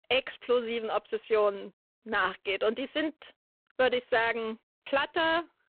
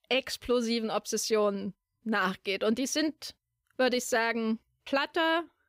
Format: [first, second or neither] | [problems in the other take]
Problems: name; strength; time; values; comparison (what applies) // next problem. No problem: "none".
second | phone-call audio; poor line